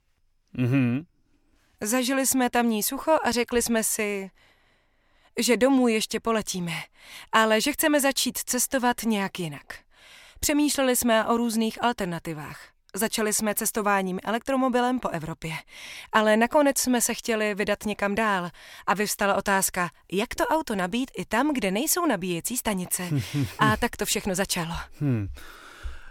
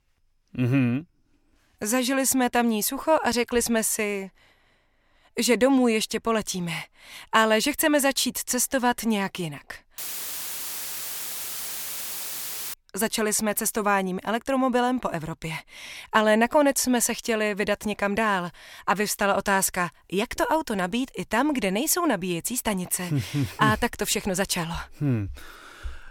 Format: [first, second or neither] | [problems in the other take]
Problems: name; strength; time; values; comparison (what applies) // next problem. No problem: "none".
first | audio cutting out; filled with static; at 10 s for 3 s